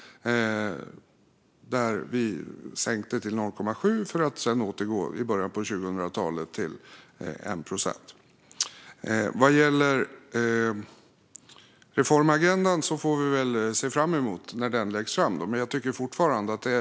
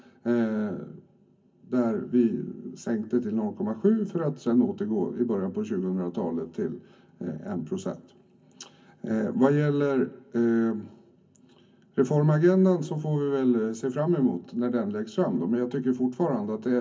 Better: first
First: none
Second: room echo; dies away in 0.3 s

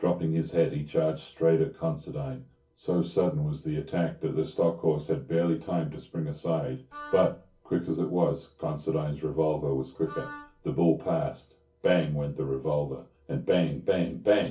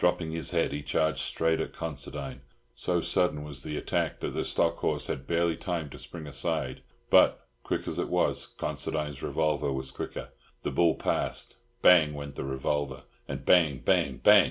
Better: second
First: background sound (Wind instrument, woodwind instrument); 16 dB below the speech // room echo; dies away in 0.3 s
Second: none

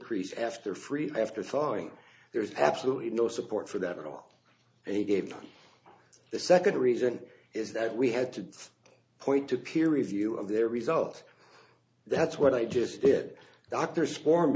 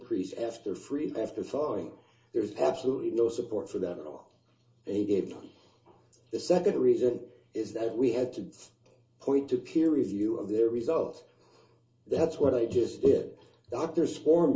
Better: first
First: none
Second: room echo; dies away in 0.2 s

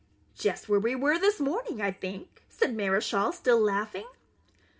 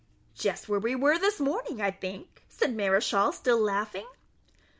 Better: second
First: room echo; dies away in 0.3 s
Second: none

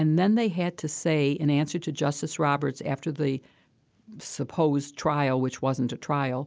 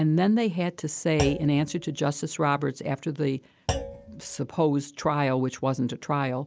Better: first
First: none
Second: background sound (Thump, thud); 12 dB below the speech

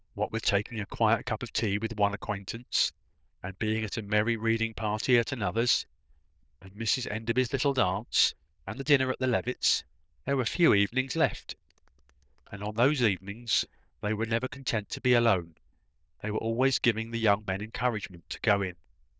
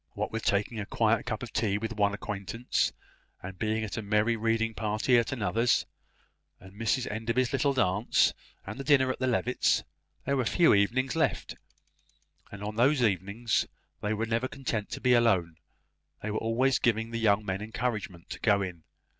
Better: second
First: noise reduction (neural diffusion model UNIVERSE++)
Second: none

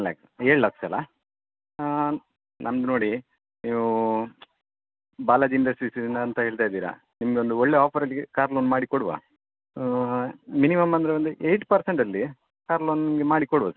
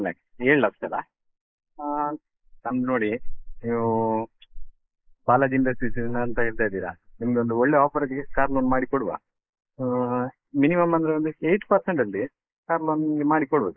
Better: first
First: none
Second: noise reduction (neural mask model Resemble Enhance denoiser)

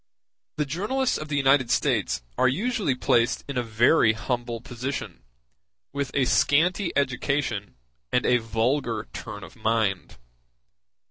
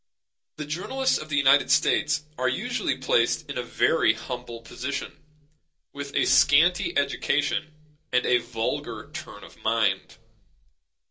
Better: first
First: none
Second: room echo; dies away in 0.2 s

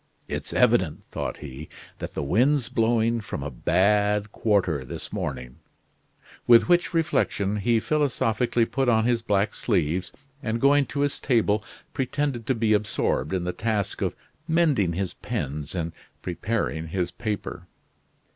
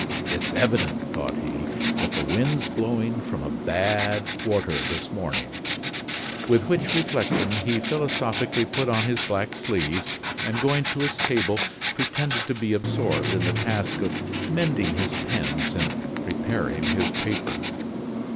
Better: first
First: none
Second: background sound (Writing); 1 dB below the speech

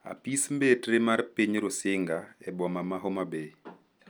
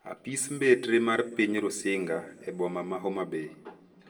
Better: first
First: none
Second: room echo; dies away in 1.1 s

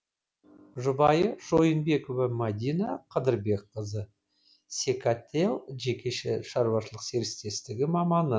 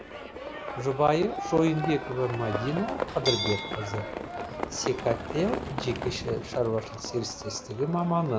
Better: first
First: none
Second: background sound (Livestock, farm animals, working animals); 6 dB below the speech

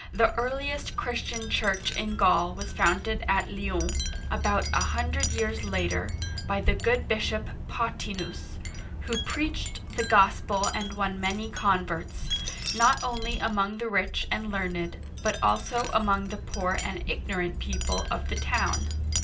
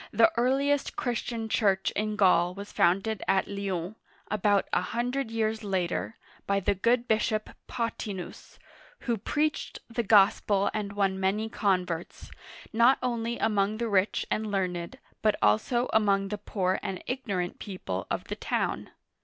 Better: second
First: background sound (Wind chime); 4 dB below the speech // room echo; dies away in 0.2 s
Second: none

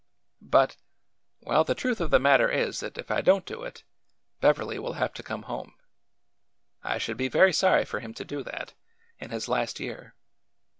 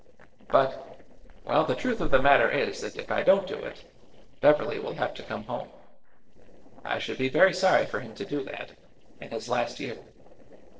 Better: first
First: none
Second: noise reduction (neural separator model SepFormer DNS4)

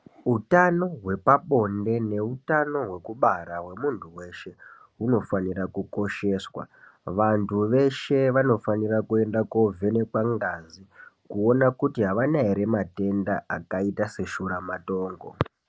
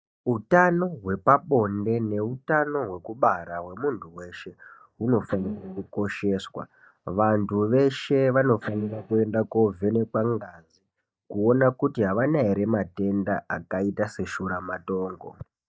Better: first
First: none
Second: noise reduction (neural mask model DeepFilterNet 3)

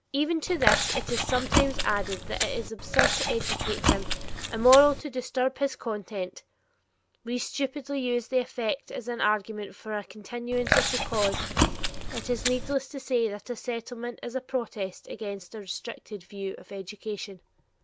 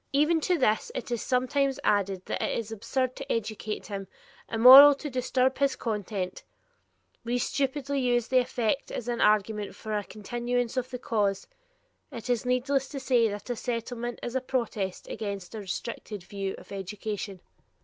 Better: second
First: background sound (Chewing, mastication); 1 dB above the speech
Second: none

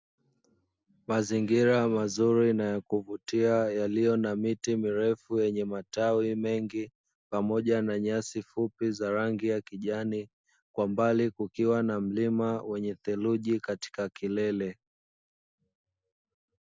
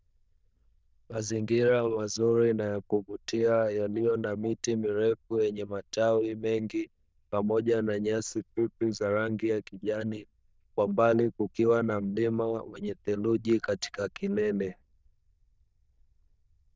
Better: first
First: none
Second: noise reduction (neural diffusion model UNIVERSE++)

